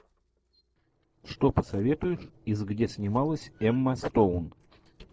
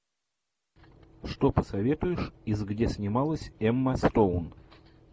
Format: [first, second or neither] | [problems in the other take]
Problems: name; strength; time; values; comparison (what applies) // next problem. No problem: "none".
second | noise reduction (neural separator model SepFormer DNS4)